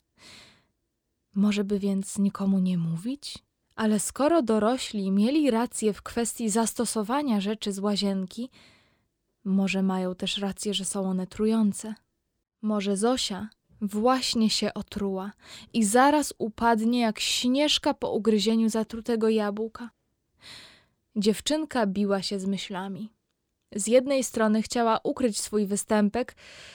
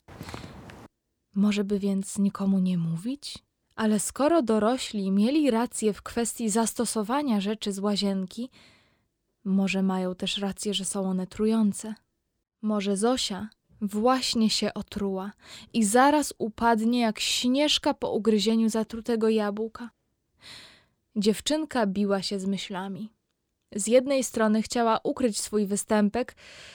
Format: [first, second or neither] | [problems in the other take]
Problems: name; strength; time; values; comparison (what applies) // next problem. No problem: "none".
first | footsteps; faint; at the start; peak 15 dB below the speech